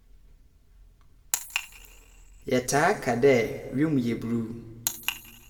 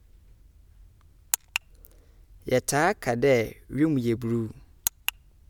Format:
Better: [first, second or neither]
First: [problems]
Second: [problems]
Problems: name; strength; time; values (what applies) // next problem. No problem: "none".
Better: second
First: room echo; dies away in 1.4 s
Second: none